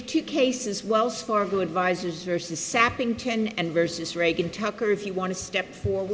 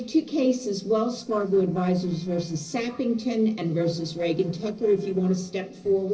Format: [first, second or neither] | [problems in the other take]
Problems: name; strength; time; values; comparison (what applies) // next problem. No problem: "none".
first | noise reduction (neural separator model SepFormer DNS4)